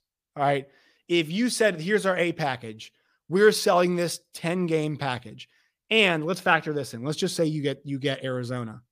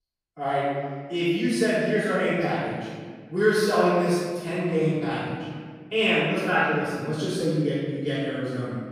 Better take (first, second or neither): first